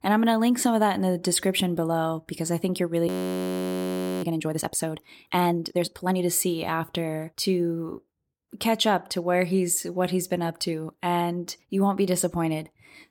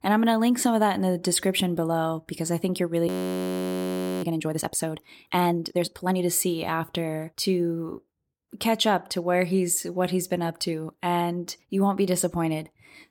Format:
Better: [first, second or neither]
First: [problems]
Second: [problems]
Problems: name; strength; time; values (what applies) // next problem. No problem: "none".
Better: neither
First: audio freezing; at 3 s for 1 s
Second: audio freezing; at 3 s for 1 s